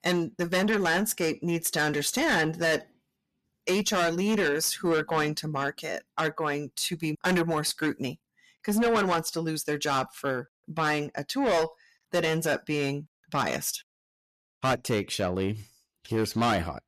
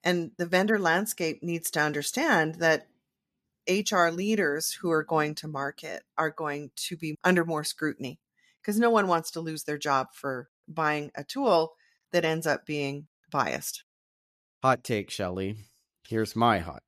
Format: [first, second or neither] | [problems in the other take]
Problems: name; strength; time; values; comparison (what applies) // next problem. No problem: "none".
second | distortion; heavy; 7 dB below the speech